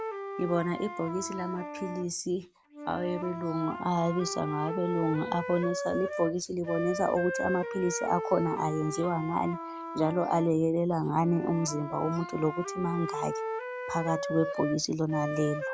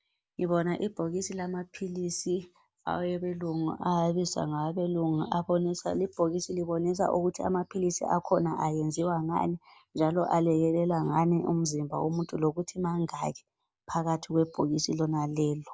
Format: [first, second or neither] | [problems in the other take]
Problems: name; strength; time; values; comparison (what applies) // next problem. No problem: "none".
second | background sound (Wind instrument, woodwind instrument); 7 dB below the speech